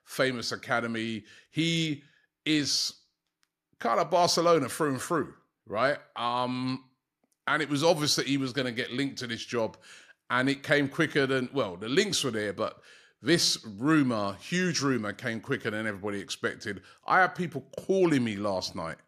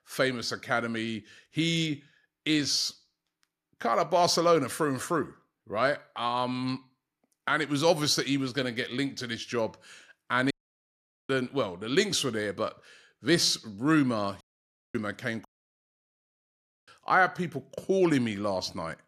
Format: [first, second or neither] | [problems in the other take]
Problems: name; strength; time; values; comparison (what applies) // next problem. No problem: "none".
first | audio cutting out; at 11 s for 1 s, at 14 s for 0.5 s and at 15 s for 1.5 s